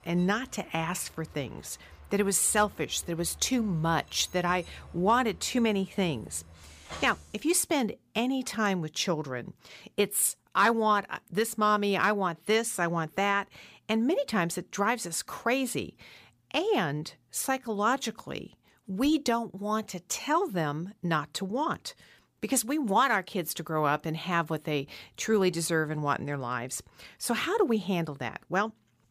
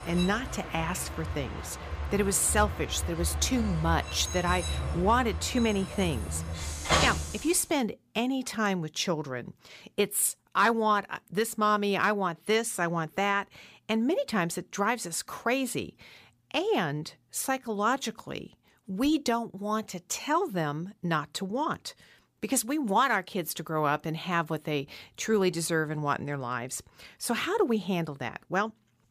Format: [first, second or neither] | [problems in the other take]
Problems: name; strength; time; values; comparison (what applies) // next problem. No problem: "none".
first | train or aircraft noise; loud; until 7.5 s; 5 dB below the speech; faint in the first